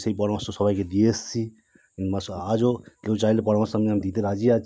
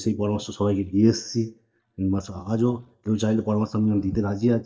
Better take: first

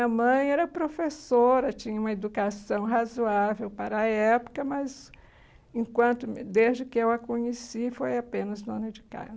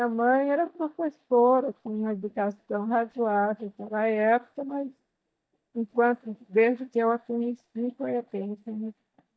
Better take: first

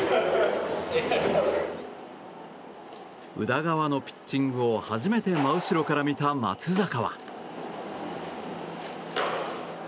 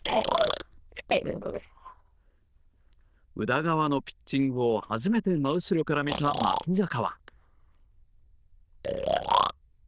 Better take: first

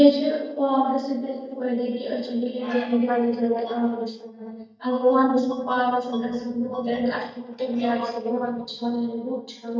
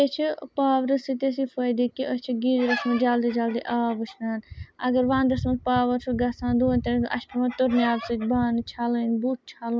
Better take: second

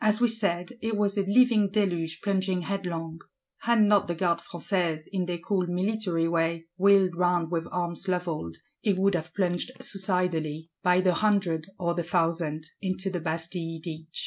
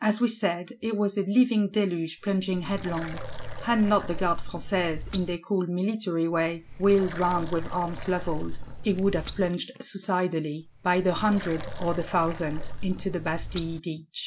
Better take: first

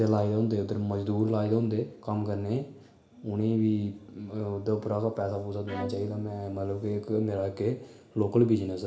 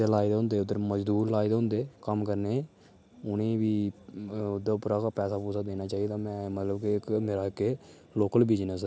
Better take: second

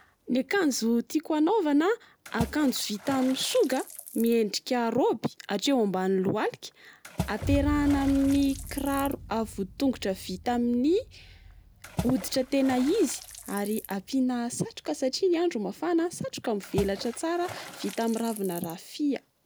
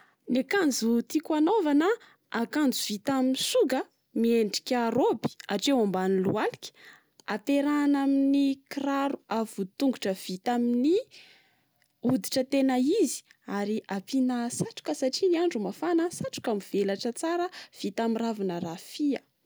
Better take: second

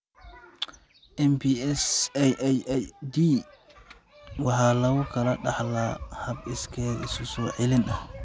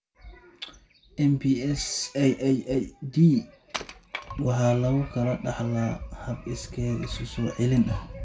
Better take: first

